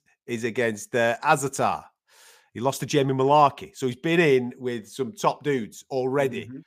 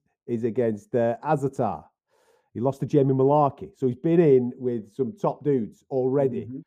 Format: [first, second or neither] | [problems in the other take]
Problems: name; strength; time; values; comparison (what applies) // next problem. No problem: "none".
first | muffled; very; fading above 1 kHz